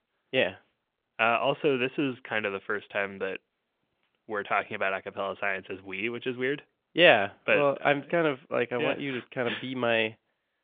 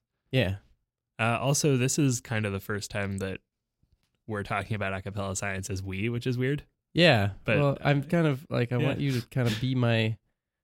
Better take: second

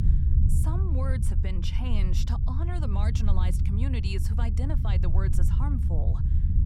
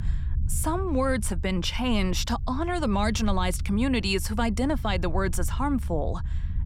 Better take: second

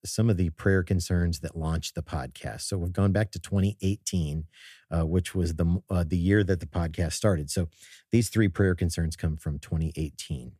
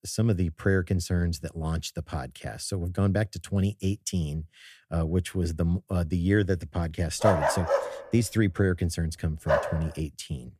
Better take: first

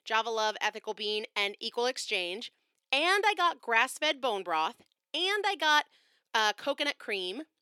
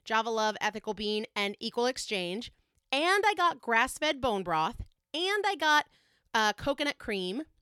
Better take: second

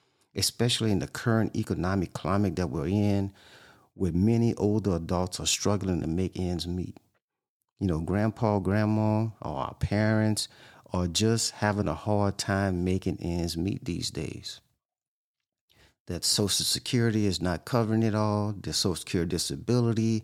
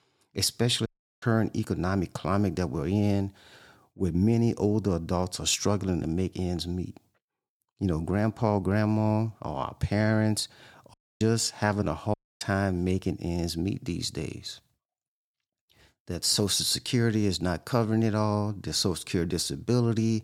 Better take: first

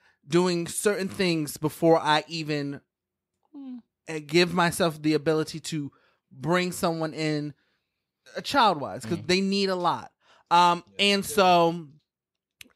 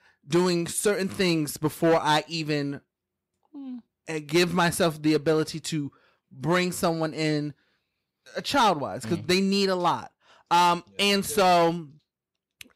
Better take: first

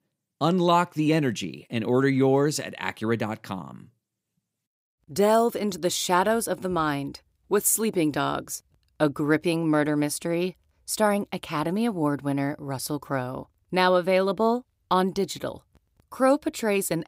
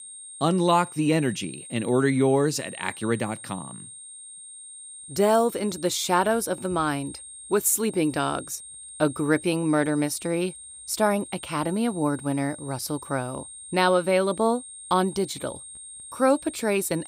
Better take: first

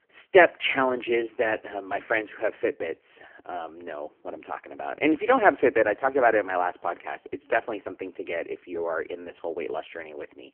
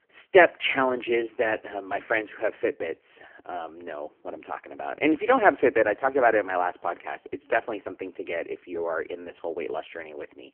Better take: neither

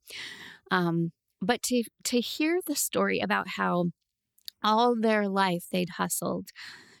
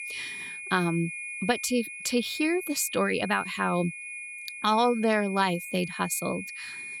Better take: first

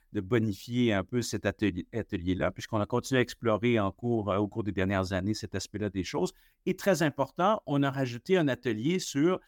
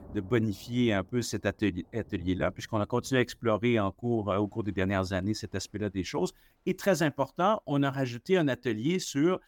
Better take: first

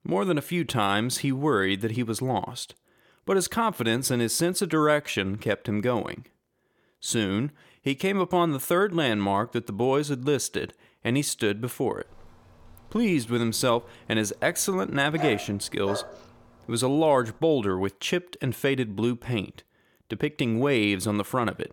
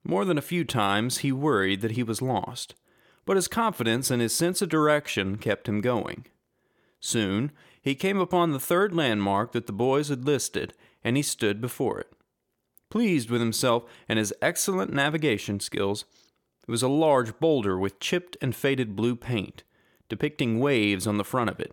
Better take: second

